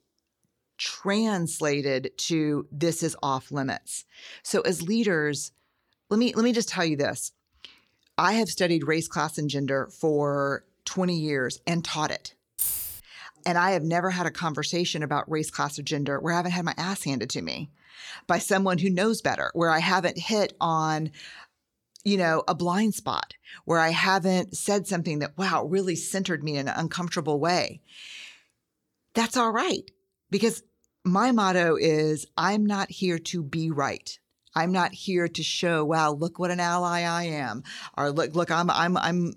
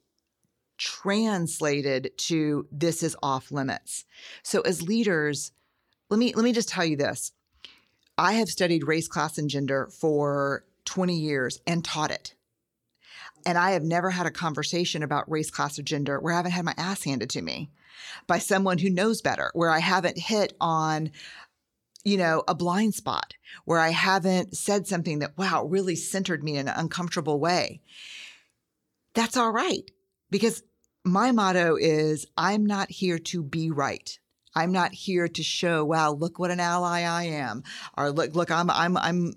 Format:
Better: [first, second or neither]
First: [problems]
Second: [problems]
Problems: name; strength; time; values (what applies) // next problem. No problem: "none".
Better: second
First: jangling keys; noticeable; at 13 s; peak level with the speech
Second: none